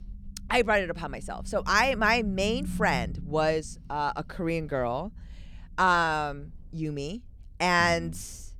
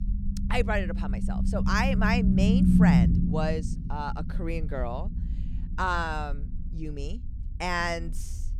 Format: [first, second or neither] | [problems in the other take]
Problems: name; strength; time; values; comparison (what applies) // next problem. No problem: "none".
first | low rumble; loud; throughout; 3 dB below the speech; faint in the first